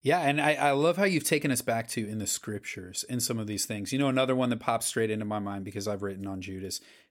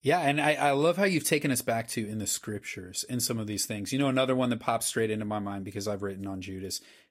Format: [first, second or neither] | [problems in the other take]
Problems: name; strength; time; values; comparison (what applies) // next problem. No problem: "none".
first | garbled, watery; slightly; nothing above 14.5 kHz